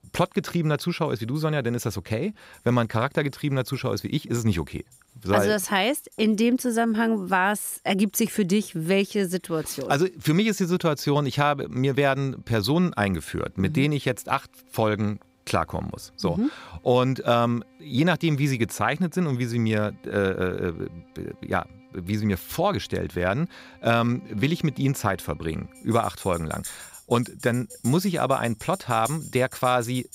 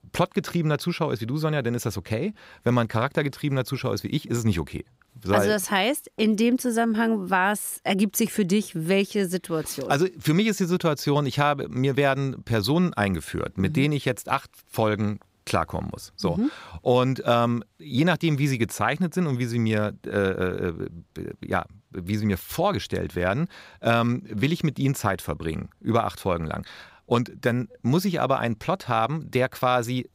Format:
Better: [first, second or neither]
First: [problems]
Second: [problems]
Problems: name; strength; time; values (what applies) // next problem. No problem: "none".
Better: second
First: background music; faint; throughout; 20 dB below the speech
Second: none